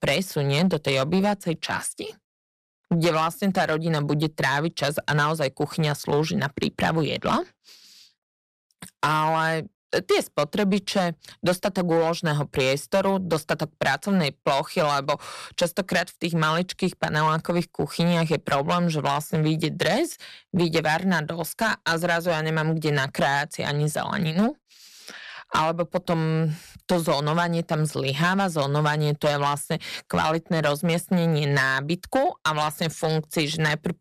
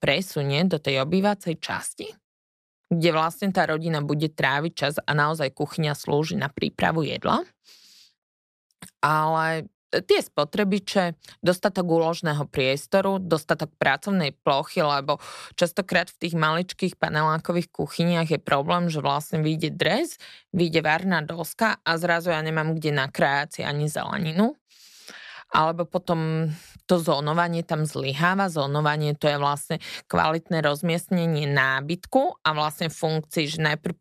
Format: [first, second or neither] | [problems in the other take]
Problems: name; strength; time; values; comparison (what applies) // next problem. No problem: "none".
second | distortion; slight; 5% of the sound clipped